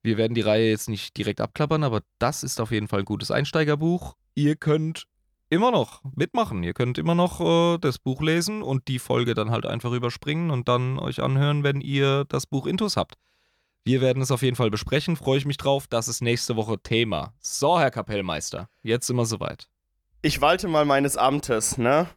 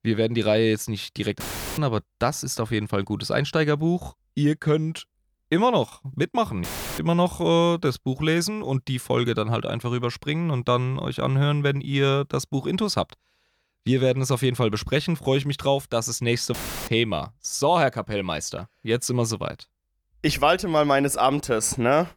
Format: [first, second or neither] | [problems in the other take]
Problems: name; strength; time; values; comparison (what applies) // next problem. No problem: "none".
first | audio cutting out; filled with static; at 1.5 s, at 6.5 s and at 17 s